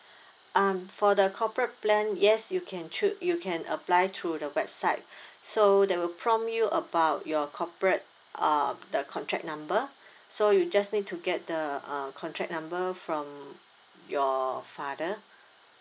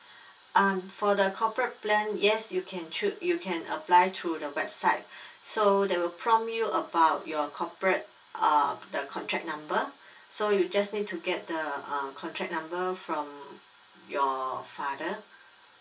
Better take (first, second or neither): first